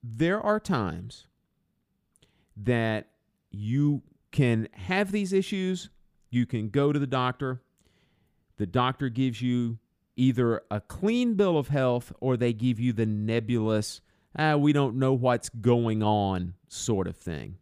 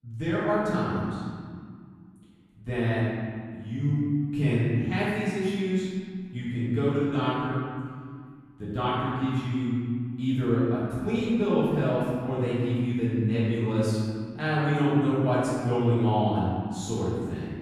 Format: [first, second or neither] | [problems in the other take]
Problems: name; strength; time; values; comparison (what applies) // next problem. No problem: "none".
first | room echo; strong; dies away in 1.9 s // off-mic speech; far